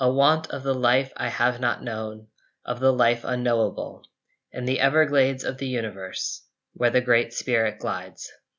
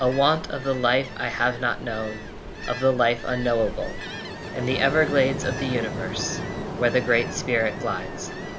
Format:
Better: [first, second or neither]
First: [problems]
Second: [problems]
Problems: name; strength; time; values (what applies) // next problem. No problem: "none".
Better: first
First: none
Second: background sound (Ocean); 8 dB below the speech